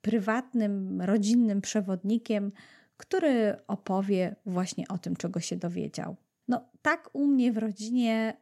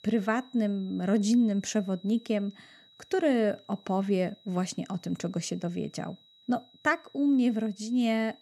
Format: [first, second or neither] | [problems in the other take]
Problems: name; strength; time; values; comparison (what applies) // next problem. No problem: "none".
first | high-pitched whine; faint; throughout; 4 kHz, 25 dB below the speech